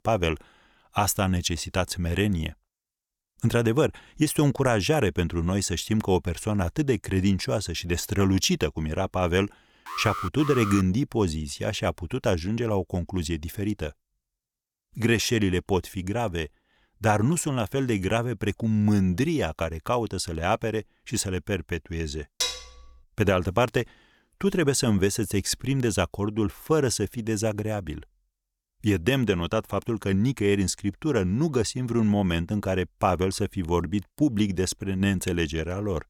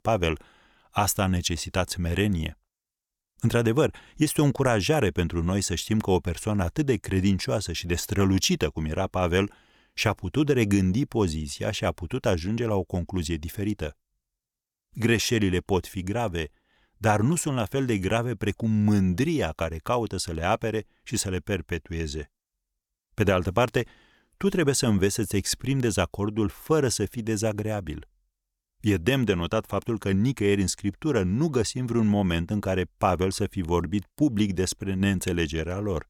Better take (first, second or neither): second